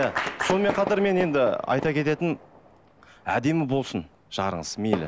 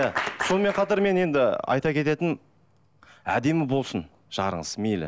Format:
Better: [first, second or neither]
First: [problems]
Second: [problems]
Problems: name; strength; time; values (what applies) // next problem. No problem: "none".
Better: second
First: background sound (Fireworks); 12 dB below the speech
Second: none